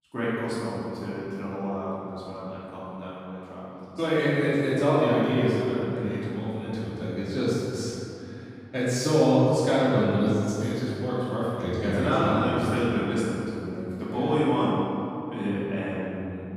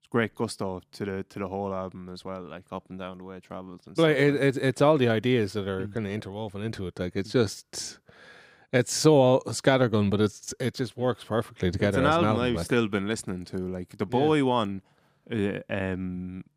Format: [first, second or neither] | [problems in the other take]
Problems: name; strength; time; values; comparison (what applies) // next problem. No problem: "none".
second | room echo; strong; dies away in 2.6 s // off-mic speech; far